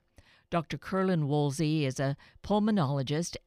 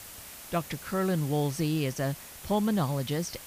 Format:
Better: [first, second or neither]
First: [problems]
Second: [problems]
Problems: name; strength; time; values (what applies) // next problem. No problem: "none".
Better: first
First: none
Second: hiss; noticeable; throughout; 15 dB below the speech